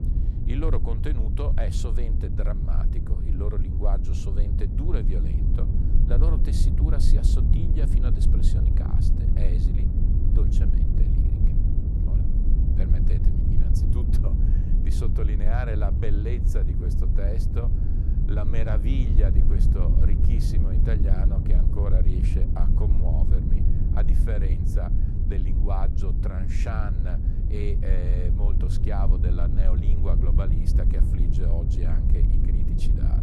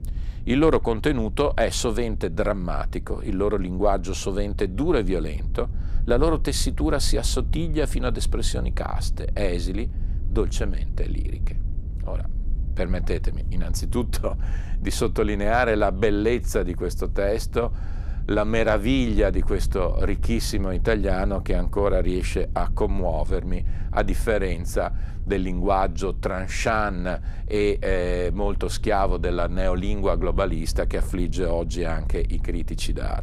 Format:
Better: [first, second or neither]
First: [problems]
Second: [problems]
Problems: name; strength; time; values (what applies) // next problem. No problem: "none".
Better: second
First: low rumble; loud; throughout; 1 dB below the speech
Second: low rumble; faint; throughout; 20 dB below the speech